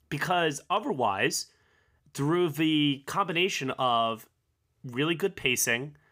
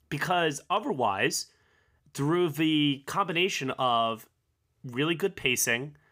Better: neither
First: none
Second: none

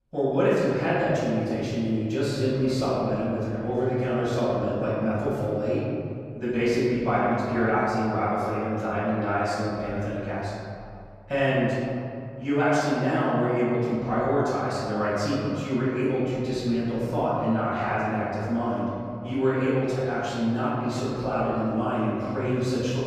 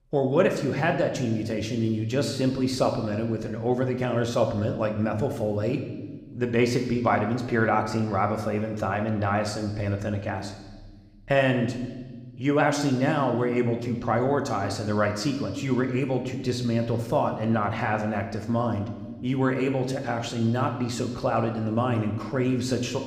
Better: second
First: room echo; strong; dies away in 2.2 s // off-mic speech; far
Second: room echo; slight; dies away in 1.2 s

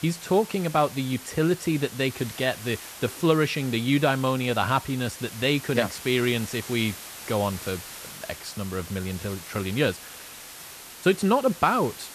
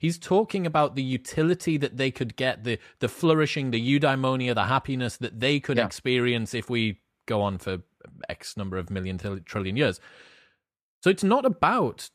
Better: second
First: hiss; noticeable; throughout; 15 dB below the speech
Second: none

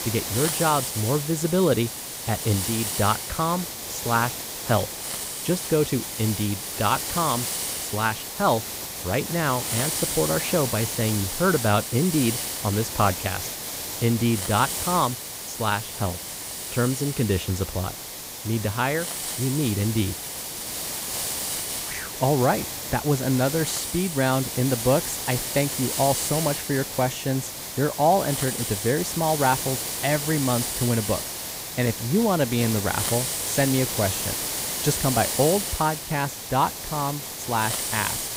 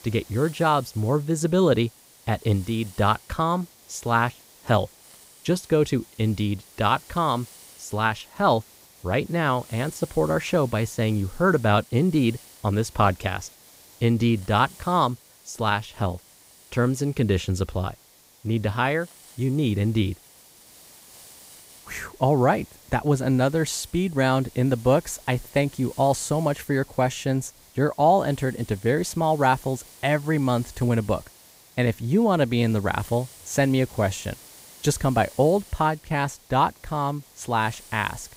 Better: second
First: hiss; loud; throughout; 3 dB below the speech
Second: hiss; faint; throughout; 25 dB below the speech

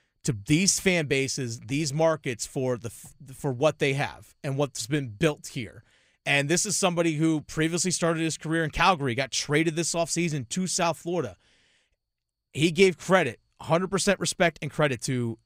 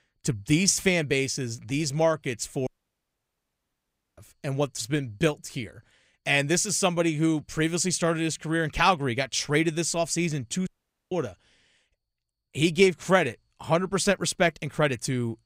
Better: first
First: none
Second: audio cutting out; at 2.5 s for 1.5 s and at 11 s

